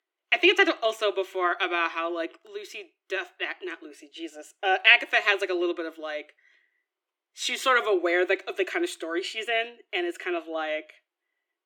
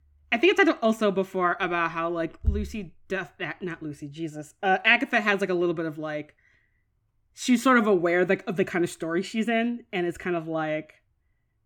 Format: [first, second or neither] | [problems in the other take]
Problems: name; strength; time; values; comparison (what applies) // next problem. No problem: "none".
second | thin; very; fading below 350 Hz